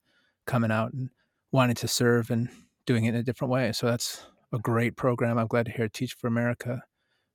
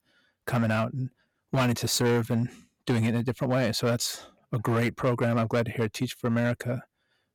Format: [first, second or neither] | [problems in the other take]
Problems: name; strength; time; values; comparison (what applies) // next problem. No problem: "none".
first | distortion; slight; 7% of the sound clipped